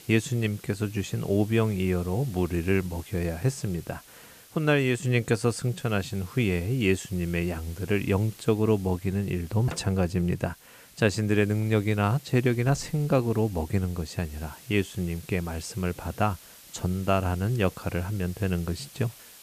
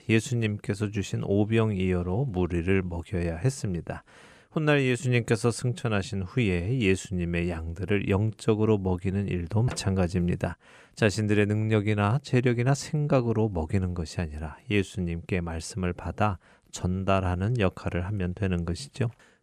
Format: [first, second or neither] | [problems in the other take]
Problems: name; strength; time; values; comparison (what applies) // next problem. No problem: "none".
second | hiss; faint; throughout; 20 dB below the speech